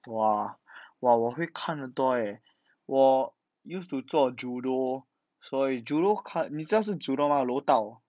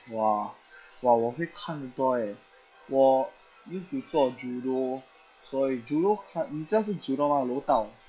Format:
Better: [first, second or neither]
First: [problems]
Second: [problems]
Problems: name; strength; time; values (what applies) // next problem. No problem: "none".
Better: first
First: none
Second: noise reduction (classical method log-MMSE)